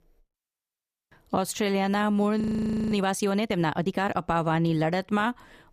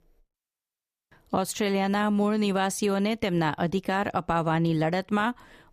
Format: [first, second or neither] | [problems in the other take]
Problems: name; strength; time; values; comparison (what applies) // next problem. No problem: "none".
second | audio freezing; at 2.5 s for 0.5 s